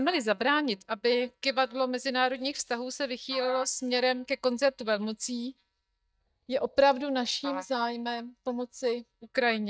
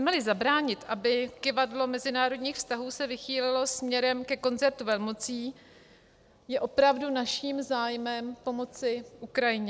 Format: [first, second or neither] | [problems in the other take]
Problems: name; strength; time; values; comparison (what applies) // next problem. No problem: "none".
second | noise reduction (neural mask model DeepFilterNet 3)